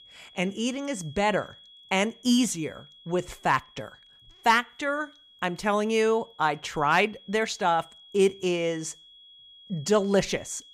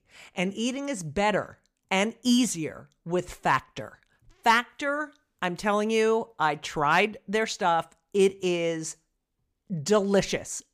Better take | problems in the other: second | high-pitched whine; faint; throughout; 3.5 kHz, 25 dB below the speech

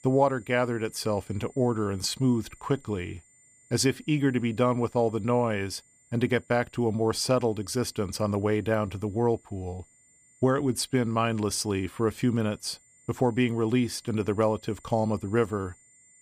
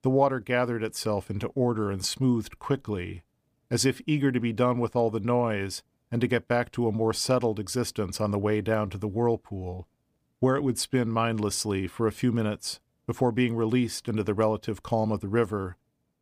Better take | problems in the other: second | high-pitched whine; faint; throughout; 7 kHz, 30 dB below the speech

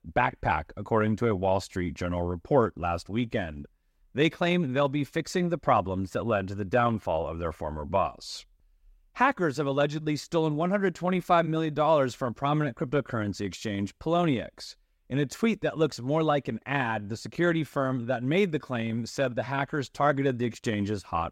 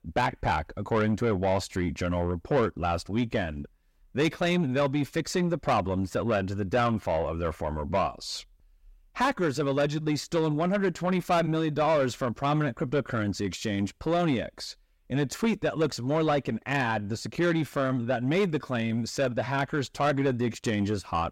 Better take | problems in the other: first | distortion; slight; 10 dB below the speech

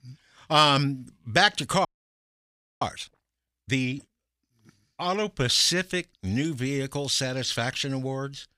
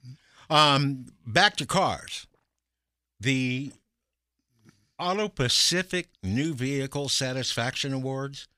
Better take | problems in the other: second | audio freezing; at 2 s for 1 s

